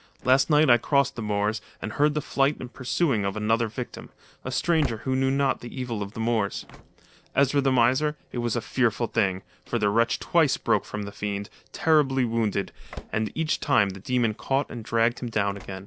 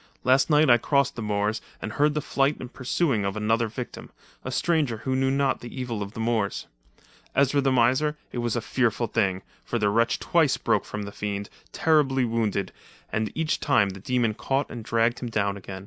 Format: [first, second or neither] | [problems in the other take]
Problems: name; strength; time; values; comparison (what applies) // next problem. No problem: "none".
second | noise reduction (neural separator model SepFormer DNS4)